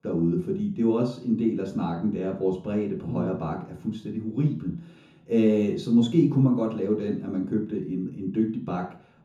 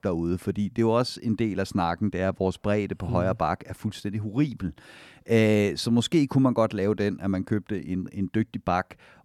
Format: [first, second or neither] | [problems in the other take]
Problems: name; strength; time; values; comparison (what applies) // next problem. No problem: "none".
second | room echo; slight; dies away in 0.6 s // off-mic speech; far